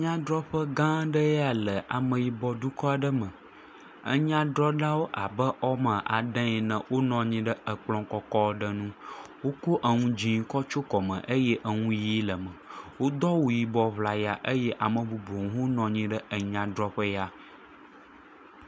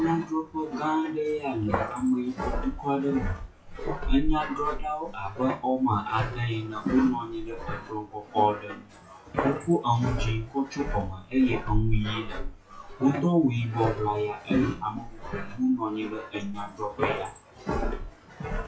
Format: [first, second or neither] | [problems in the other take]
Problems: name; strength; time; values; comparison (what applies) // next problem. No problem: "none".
first | noise reduction (classical method WPE with log-MMSE)